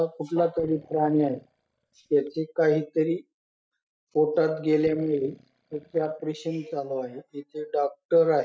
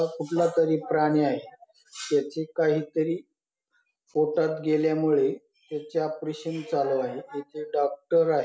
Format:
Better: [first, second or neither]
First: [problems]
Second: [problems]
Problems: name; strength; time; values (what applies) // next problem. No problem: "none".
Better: second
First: noise reduction (neural mask model DeepFilterNet 3)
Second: none